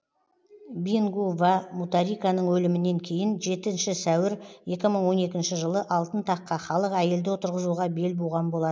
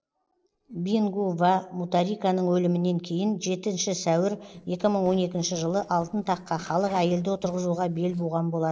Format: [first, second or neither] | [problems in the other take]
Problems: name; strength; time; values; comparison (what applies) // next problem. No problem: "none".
first | noise reduction (neural separator model SepFormer DNS4)